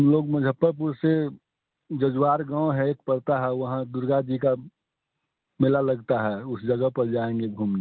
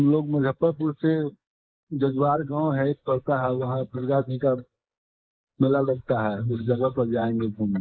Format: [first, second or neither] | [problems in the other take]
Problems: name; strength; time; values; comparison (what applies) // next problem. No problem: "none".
first | noise reduction (neural mask model Resemble Enhance denoiser)